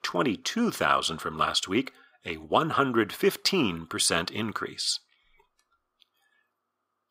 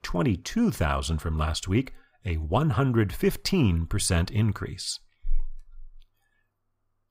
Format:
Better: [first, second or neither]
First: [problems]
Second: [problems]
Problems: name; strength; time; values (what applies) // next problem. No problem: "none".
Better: second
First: thin; somewhat; fading below 300 Hz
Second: none